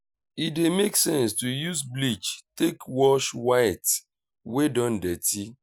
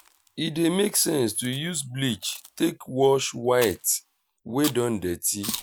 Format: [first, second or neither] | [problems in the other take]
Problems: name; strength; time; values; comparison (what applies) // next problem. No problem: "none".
first | background sound (Chewing, mastication); 15 dB below the speech